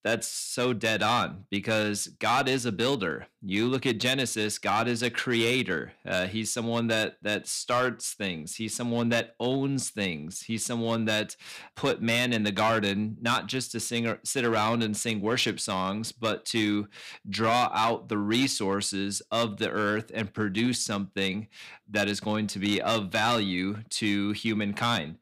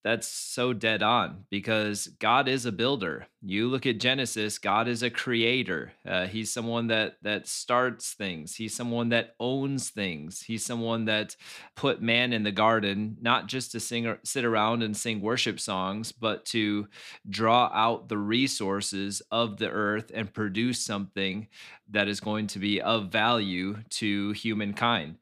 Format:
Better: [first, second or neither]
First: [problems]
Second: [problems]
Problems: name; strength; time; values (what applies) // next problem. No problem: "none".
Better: second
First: distortion; slight; 4% of the sound clipped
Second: none